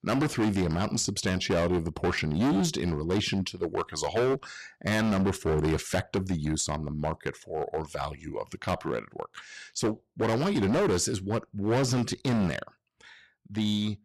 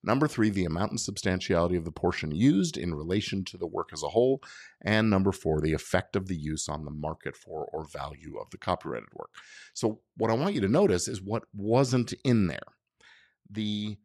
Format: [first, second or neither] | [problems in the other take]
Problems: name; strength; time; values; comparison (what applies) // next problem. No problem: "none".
second | distortion; heavy; 13% of the sound clipped